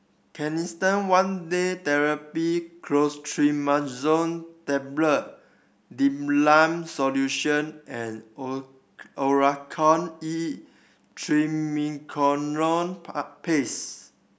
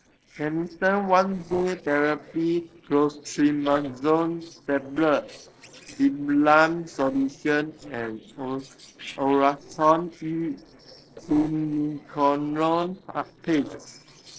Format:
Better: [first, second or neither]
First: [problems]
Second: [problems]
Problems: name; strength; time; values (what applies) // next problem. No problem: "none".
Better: first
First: none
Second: noise reduction (neural separator model SepFormer DNS4)